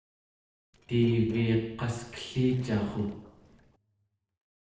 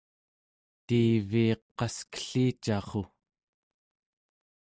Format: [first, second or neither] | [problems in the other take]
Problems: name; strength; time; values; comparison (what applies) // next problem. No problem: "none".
second | noise reduction (neural separator model SepFormer DNS4)